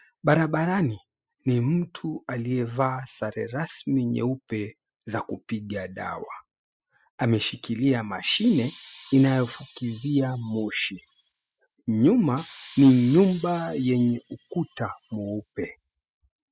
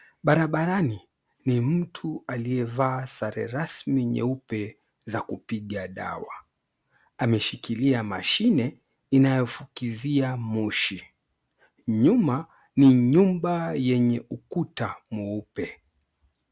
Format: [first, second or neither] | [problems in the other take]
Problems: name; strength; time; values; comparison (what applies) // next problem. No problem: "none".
second | noise reduction (classical method spectral subtraction)